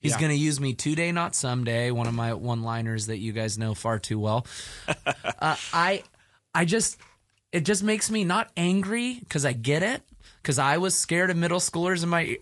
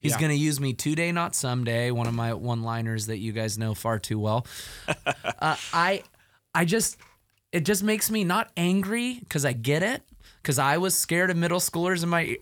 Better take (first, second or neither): second